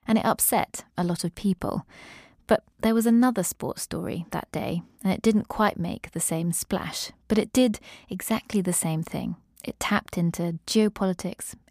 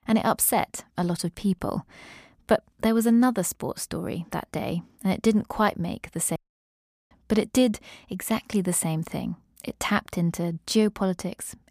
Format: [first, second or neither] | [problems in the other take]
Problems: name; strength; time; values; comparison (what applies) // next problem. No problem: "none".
first | audio cutting out; at 6.5 s for 1 s